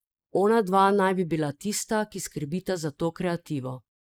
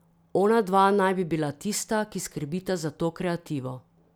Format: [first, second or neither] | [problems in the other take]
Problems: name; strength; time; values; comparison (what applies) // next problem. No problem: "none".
second | noise reduction (neural mask model Resemble Enhance denoiser)